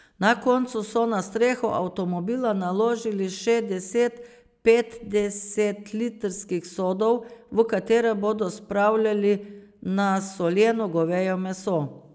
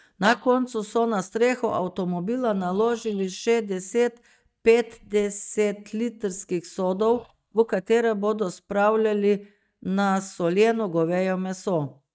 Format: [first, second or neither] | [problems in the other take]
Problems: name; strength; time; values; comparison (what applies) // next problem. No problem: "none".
first | noise reduction (neural mask model DeepFilterNet 3)